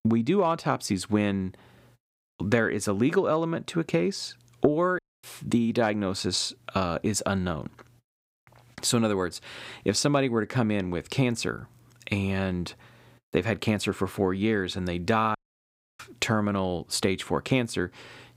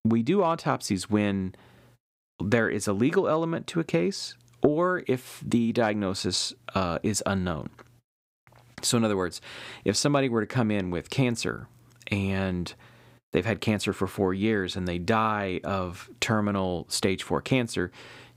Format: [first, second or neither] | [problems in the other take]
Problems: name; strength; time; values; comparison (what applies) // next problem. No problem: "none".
second | audio cutting out; at 5 s and at 15 s for 0.5 s